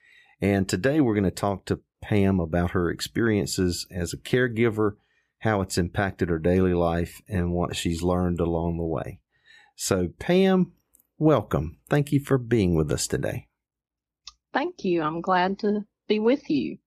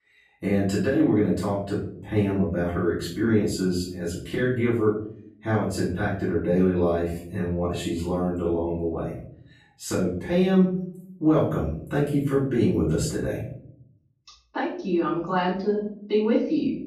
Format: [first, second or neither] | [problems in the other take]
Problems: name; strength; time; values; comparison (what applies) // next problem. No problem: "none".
first | off-mic speech; far // room echo; noticeable; dies away in 0.6 s